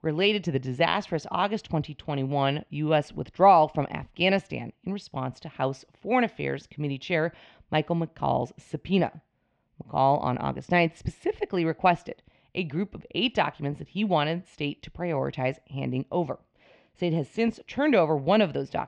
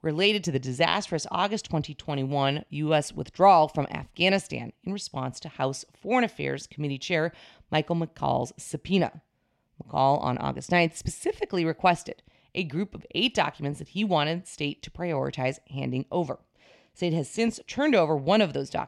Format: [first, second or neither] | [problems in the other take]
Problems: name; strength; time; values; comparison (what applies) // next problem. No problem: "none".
second | muffled; slightly; fading above 3 kHz